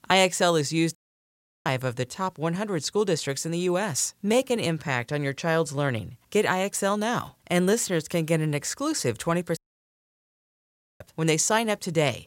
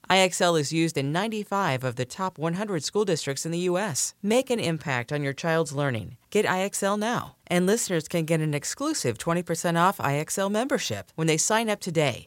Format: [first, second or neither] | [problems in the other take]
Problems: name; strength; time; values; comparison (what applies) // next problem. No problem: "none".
second | audio cutting out; at 1 s for 0.5 s and at 9.5 s for 1.5 s